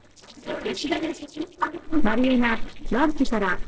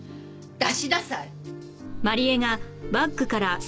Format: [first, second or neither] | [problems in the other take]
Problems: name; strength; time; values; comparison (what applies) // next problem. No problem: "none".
second | noise reduction (neural separator model SepFormer DNS4)